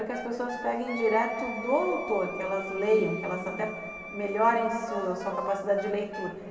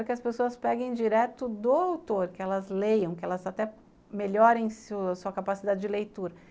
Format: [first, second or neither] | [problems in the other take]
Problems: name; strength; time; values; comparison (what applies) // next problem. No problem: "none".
second | background sound (Wind instrument, woodwind instrument); 12 dB below the speech // room echo; dies away in 2.5 s